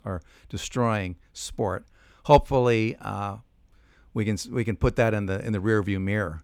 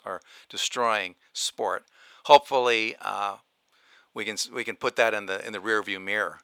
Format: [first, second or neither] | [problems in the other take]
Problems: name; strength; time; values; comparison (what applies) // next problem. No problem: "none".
first | thin; very; fading below 650 Hz